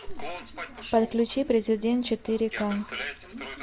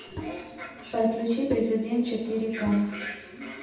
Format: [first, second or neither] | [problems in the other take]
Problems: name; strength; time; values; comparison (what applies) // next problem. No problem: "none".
first | background sound (Bowed string instrument); 14 dB below the speech // room echo; dies away in 0.8 s